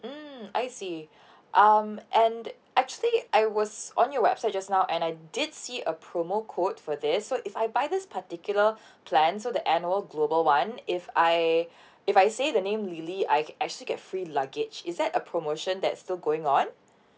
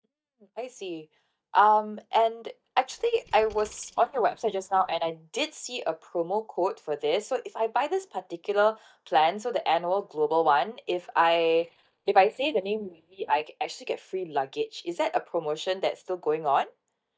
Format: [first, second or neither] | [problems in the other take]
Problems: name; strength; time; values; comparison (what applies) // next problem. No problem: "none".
first | noise reduction (neural mask model DeepFilterNet 3)